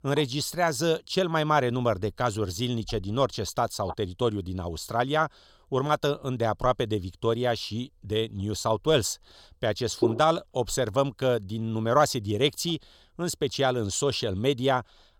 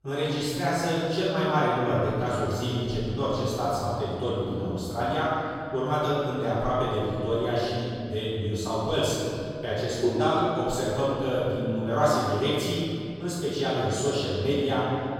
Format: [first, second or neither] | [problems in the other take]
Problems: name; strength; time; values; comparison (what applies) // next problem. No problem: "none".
first | room echo; strong; dies away in 2.3 s // off-mic speech; far